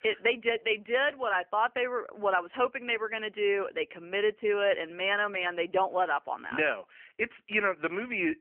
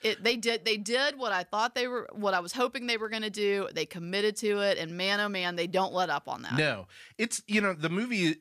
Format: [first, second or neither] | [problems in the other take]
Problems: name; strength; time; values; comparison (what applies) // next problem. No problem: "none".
second | phone-call audio; nothing above 3 kHz